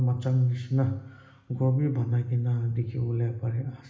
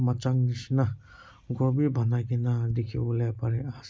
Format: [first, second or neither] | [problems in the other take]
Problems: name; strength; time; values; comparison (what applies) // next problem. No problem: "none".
second | room echo; dies away in 1.1 s